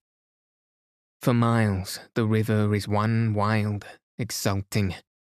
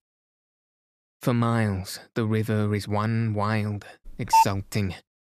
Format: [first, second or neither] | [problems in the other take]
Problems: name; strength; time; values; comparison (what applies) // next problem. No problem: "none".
first | phone ringing; loud; at 4 s; peak 6 dB above the speech